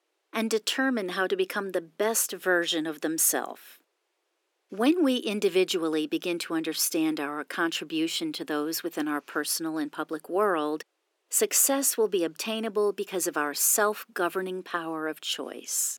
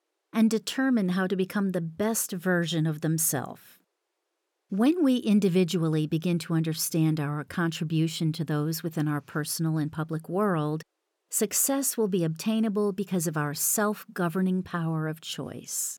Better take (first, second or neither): second